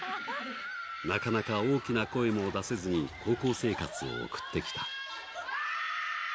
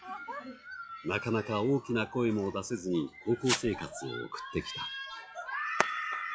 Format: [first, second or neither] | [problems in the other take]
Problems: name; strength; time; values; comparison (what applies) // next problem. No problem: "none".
first | noise reduction (classical method log-MMSE)